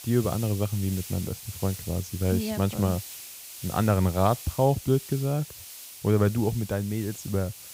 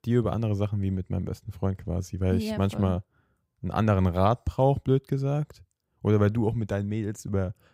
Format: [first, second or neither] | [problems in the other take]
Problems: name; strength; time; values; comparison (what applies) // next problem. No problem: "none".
second | hiss; noticeable; throughout; 10 dB below the speech